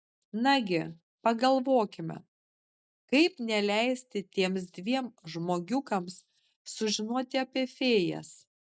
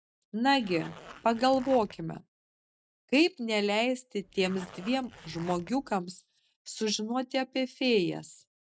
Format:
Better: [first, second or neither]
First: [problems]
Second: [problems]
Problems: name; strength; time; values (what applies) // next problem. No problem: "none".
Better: first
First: none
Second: background sound (Zipper (clothing)); 18 dB below the speech